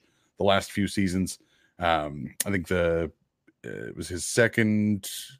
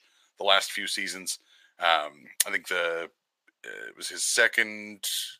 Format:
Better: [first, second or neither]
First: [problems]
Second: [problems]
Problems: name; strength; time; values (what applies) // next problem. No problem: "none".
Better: first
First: none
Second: thin; very; fading below 850 Hz